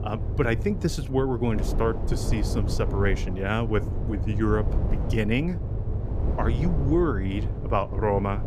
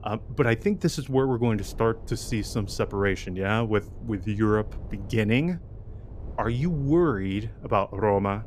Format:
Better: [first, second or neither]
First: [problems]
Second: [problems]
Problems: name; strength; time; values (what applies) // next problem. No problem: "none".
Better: second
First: low rumble; loud; throughout; 10 dB below the speech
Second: low rumble; faint; throughout; 25 dB below the speech